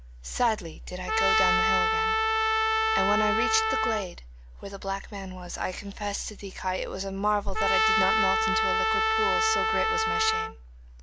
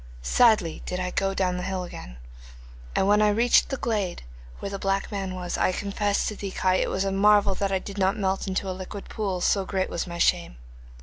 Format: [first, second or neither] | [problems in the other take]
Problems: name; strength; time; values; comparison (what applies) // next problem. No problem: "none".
second | background sound (Trumpet); 5 dB above the speech